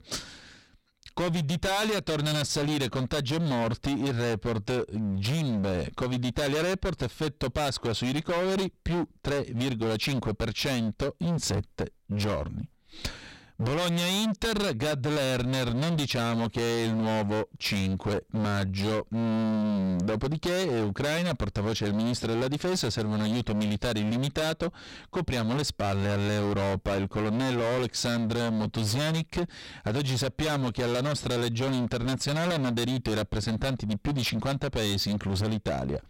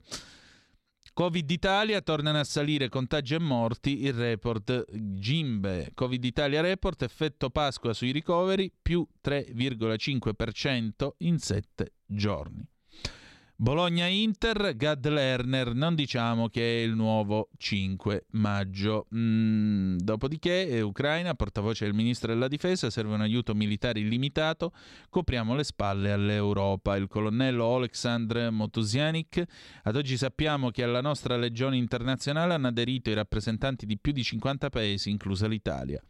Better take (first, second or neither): second